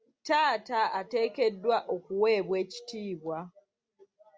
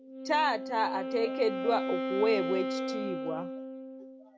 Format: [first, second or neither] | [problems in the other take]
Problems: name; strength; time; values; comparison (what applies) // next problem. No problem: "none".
first | background sound (Wind instrument, woodwind instrument); 3 dB below the speech